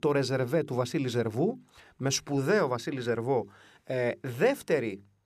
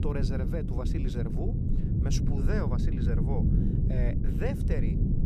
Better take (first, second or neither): first